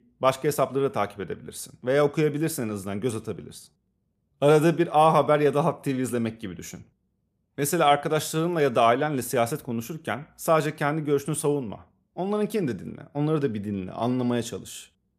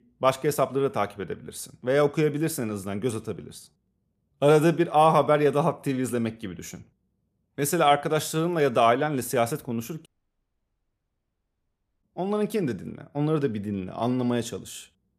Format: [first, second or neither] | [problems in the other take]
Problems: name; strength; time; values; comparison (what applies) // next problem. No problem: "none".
first | audio cutting out; at 10 s for 2 s